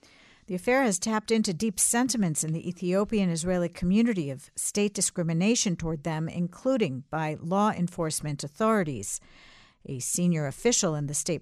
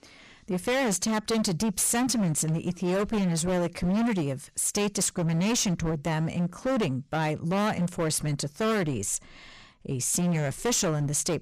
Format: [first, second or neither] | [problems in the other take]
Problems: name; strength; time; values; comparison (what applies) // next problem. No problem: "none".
first | distortion; heavy; 24% of the sound clipped